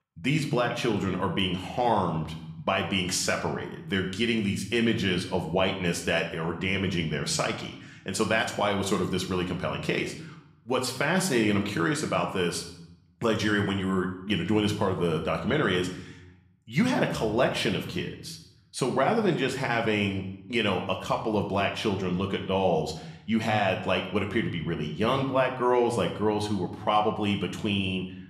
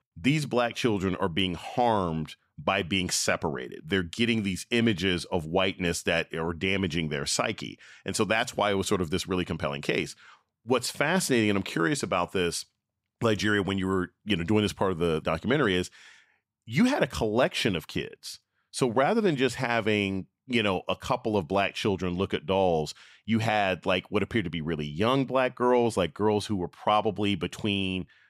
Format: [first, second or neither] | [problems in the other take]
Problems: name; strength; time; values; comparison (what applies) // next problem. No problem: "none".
second | room echo; slight; dies away in 0.7 s